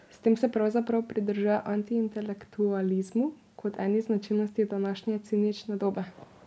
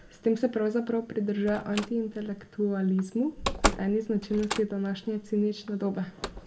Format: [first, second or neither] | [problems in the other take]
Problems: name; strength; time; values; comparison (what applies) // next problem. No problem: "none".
first | background sound (Slam); 8 dB below the speech // room echo; dies away in 0.6 s